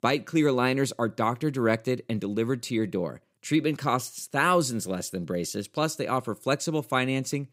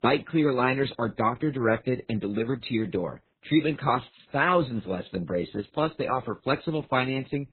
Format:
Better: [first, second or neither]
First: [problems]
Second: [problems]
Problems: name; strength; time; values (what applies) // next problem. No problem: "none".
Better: first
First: none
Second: garbled, watery; badly; nothing above 4 kHz